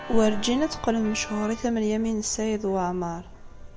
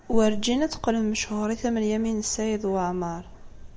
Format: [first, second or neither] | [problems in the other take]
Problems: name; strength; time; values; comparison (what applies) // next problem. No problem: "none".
second | background sound (Organ); 18 dB below the speech